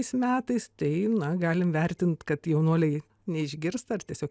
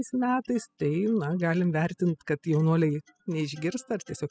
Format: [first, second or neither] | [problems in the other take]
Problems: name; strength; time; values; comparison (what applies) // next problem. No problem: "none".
first | noise reduction (classical method spectral subtraction)